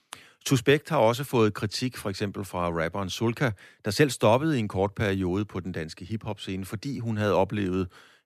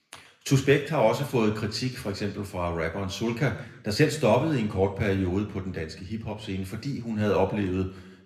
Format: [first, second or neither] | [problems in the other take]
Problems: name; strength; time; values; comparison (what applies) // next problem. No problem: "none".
first | room echo; slight; dies away in 0.7 s